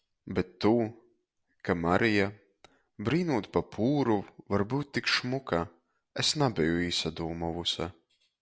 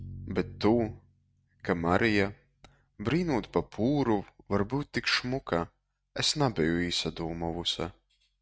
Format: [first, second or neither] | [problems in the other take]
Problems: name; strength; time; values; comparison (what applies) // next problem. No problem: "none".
first | noise reduction (neural mask model RNNoise)